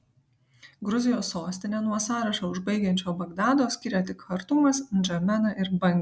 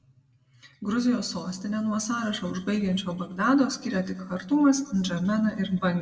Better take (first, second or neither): first